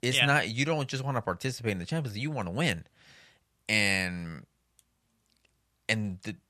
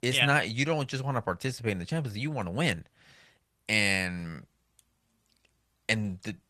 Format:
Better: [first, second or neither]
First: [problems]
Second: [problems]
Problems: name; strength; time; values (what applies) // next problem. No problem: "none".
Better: first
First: none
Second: garbled, watery; slightly; nothing above 13.5 kHz